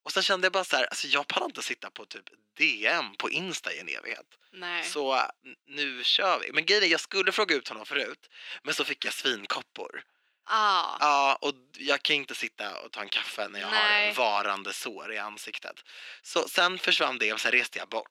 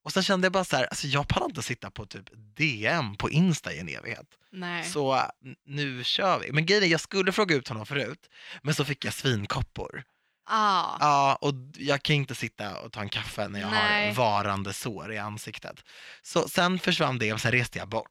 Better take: second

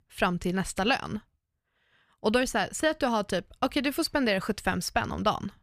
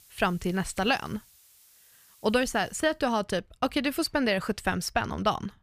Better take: first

